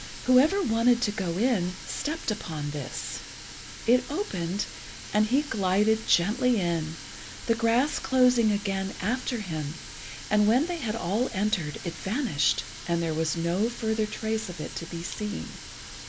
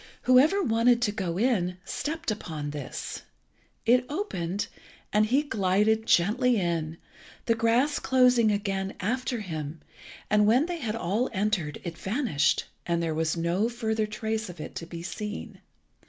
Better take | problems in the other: second | background sound (Water tap, faucet); 13 dB below the speech

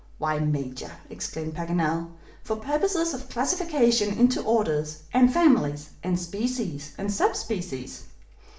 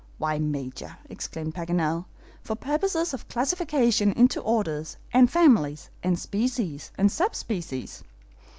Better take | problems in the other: second | room echo; dies away in 0.4 s

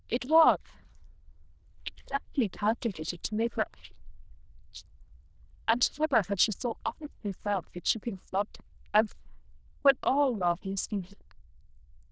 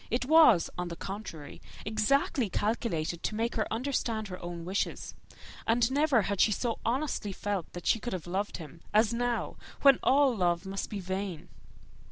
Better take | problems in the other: second | noise reduction (neural diffusion model UNIVERSE++)

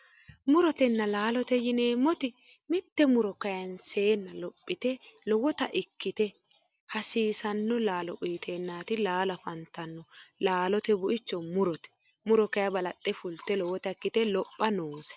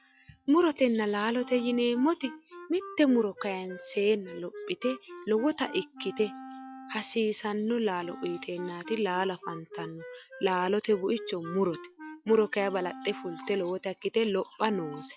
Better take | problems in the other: first | noise reduction (classical method log-MMSE)

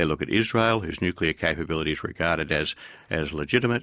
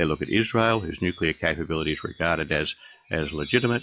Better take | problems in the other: first | noise reduction (classical method log-MMSE)

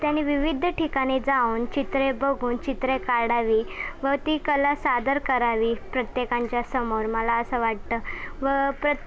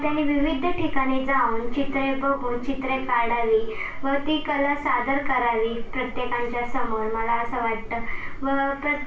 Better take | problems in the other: first | room echo; dies away in 0.3 s

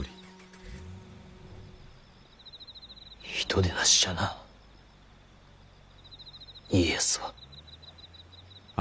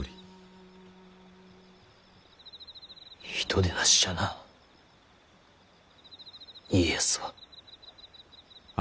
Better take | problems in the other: second | background sound (Accelerating, revving, vroom); 20 dB below the speech

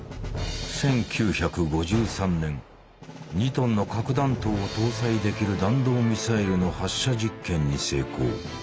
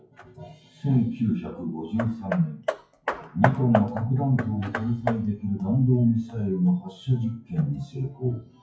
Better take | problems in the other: first | noise reduction (classical method WPE with log-MMSE)

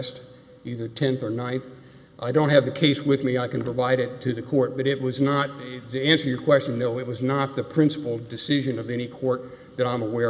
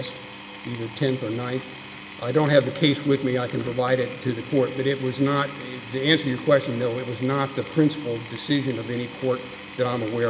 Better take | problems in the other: first | background sound (Power tool); 16 dB below the speech

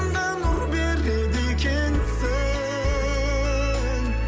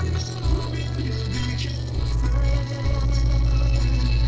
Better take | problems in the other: first | noise reduction (neural separator model SepFormer DNS4)

